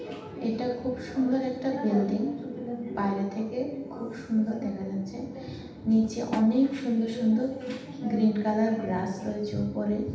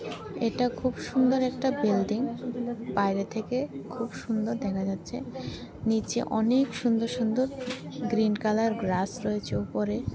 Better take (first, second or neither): second